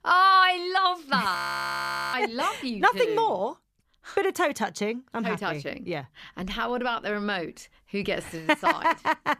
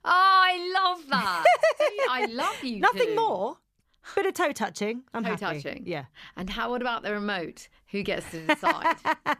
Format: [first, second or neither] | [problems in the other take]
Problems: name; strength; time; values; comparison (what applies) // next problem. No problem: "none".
second | audio freezing; at 1.5 s for 1 s